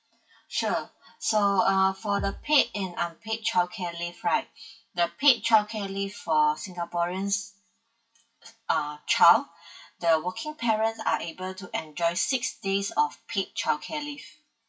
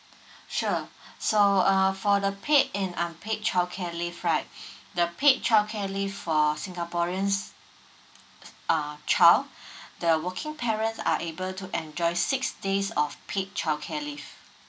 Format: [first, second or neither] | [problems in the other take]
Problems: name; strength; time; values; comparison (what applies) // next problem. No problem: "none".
second | noise reduction (classical method WPE with log-MMSE)